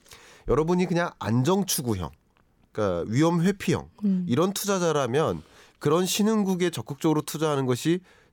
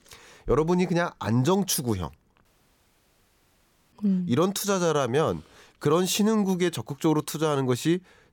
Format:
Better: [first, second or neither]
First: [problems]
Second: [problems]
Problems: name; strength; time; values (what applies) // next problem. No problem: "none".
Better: first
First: none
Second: audio cutting out; at 2.5 s for 1.5 s